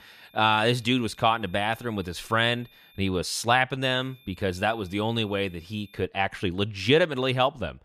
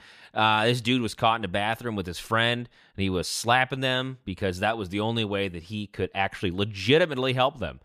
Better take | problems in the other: second | high-pitched whine; faint; until 3 s and from 4 to 6 s; 3.5 kHz, 30 dB below the speech

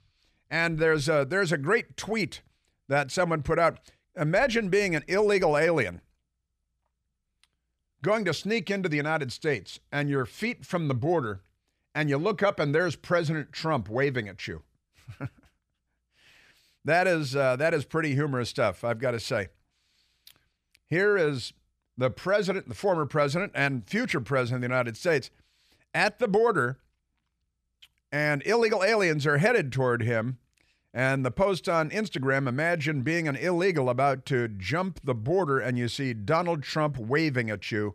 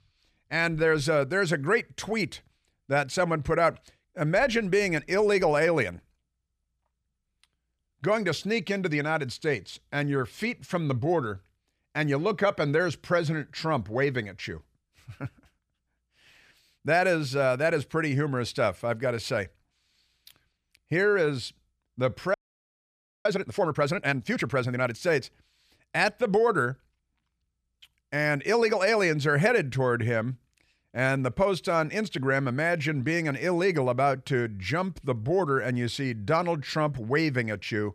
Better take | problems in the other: first | audio freezing; at 22 s for 1 s

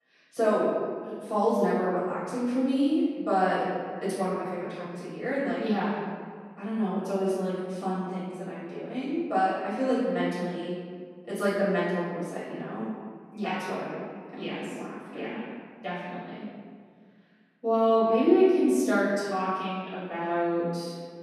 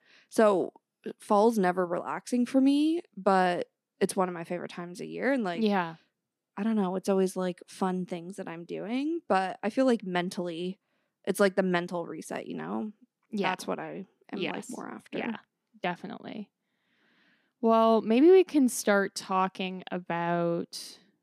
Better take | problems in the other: second | off-mic speech; far // room echo; strong; dies away in 1.8 s

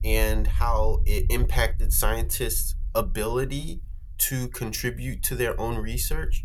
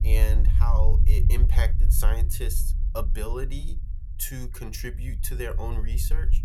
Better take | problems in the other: first | low rumble; loud; throughout; 9 dB below the speech; faint in the first

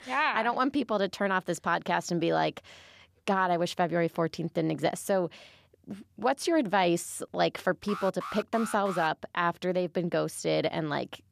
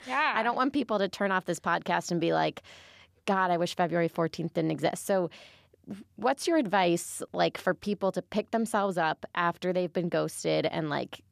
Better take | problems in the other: second | alarm; noticeable; from 8 to 9 s; peak 10 dB below the speech

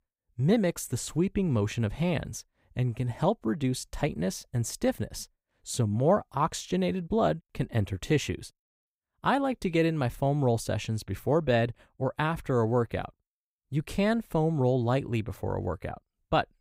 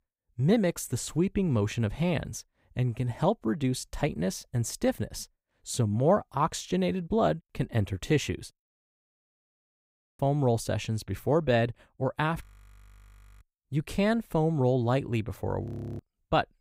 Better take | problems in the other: first | audio freezing; at 8.5 s for 1.5 s, at 12 s for 1 s and at 16 s

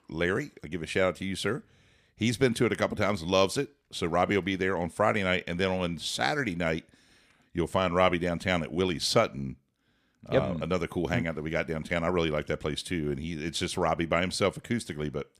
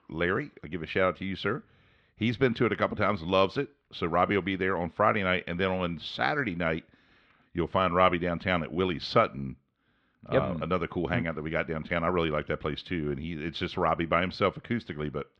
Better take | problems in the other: first | muffled; slightly; fading above 3.5 kHz

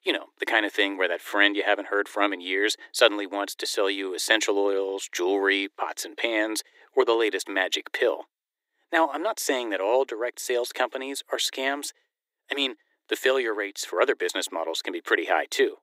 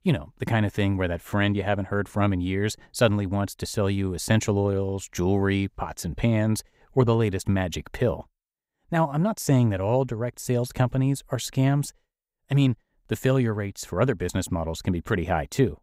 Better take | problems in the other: second | thin; very; fading below 300 Hz

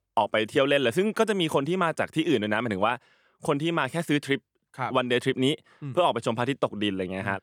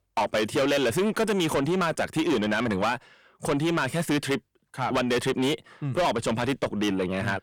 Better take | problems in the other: first | distortion; heavy; 6 dB below the speech

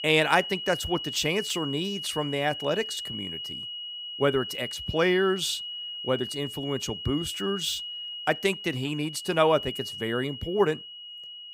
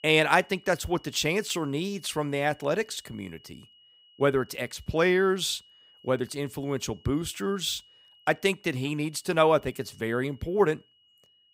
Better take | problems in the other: second | high-pitched whine; loud; throughout; 3 kHz, 7 dB below the speech; faint in the second

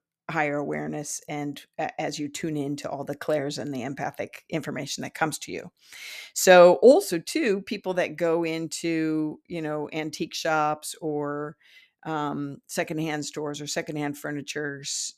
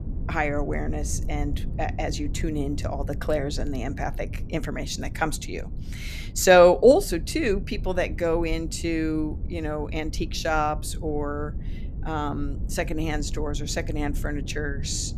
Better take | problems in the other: first | low rumble; faint; throughout; 20 dB below the speech

